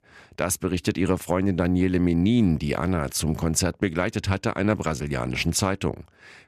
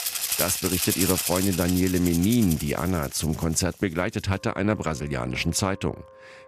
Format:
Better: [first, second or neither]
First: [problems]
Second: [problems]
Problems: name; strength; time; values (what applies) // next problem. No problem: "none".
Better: first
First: none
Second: background music; loud; throughout; 2 dB below the speech